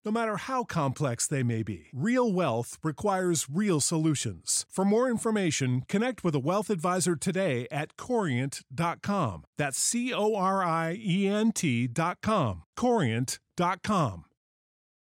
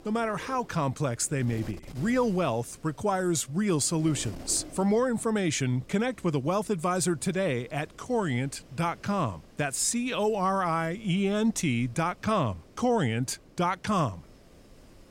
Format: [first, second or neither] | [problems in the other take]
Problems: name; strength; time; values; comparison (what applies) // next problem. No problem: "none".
first | wind noise on the microphone; occasional gusts; 25 dB below the speech